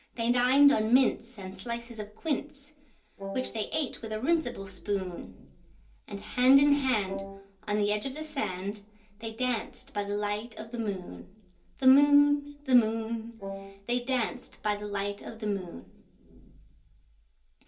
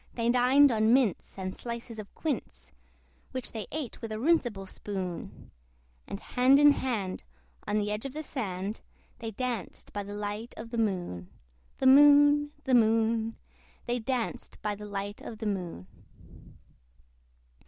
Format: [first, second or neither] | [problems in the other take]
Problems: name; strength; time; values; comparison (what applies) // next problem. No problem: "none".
second | background sound (Wind instrument, woodwind instrument); 10 dB below the speech // room echo; dies away in 0.3 s